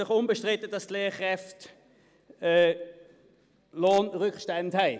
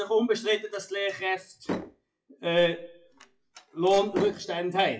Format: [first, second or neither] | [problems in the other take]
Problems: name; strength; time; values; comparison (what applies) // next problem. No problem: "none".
first | noise reduction (classical method WPE with log-MMSE)